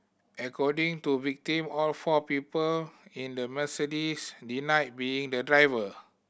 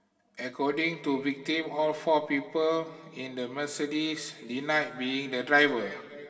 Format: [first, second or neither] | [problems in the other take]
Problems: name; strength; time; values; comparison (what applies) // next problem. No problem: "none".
first | room echo; dies away in 2.6 s